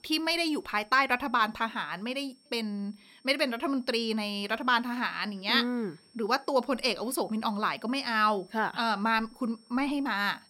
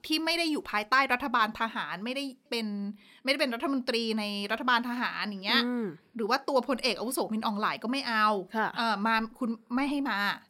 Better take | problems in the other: second | high-pitched whine; faint; throughout; 5.5 kHz, 30 dB below the speech

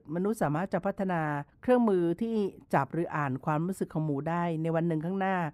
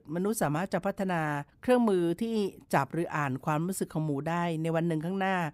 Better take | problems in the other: second | muffled; slightly; fading above 2.5 kHz

